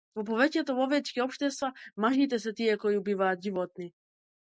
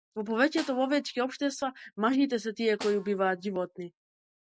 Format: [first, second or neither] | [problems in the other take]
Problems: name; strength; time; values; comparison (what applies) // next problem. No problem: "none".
first | background sound (Snare drum); 19 dB below the speech